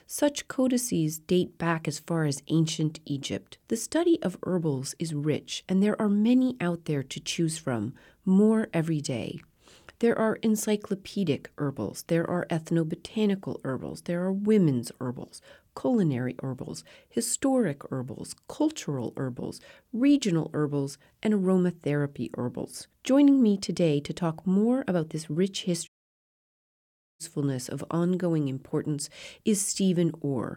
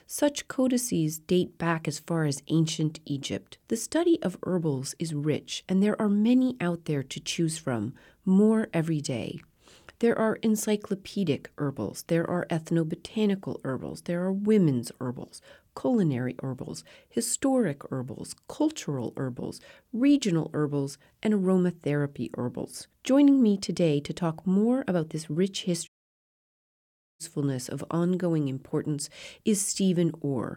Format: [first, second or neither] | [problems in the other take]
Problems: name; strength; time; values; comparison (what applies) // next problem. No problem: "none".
neither | audio cutting out; at 26 s for 1.5 s; the same in both